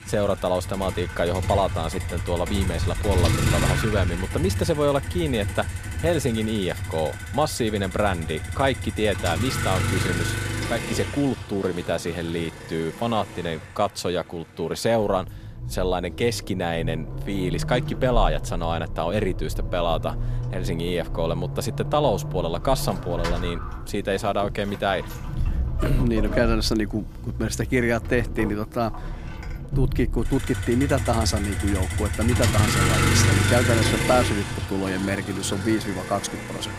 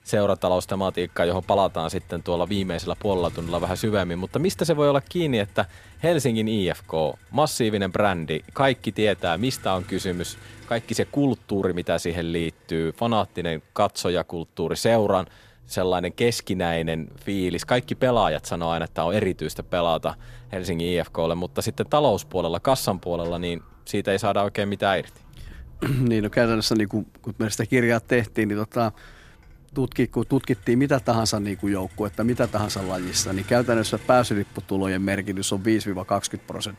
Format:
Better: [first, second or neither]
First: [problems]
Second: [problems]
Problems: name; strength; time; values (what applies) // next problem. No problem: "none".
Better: second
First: traffic noise; loud; throughout; 2 dB below the speech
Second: traffic noise; faint; throughout; 20 dB below the speech